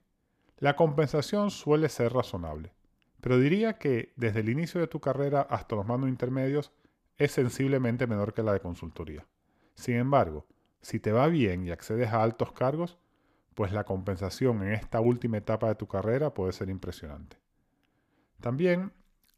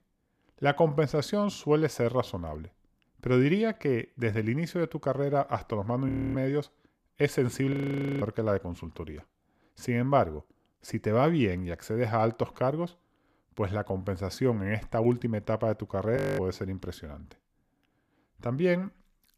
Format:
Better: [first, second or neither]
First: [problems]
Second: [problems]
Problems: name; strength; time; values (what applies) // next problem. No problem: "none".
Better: first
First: none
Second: audio freezing; at 6 s, at 7.5 s and at 16 s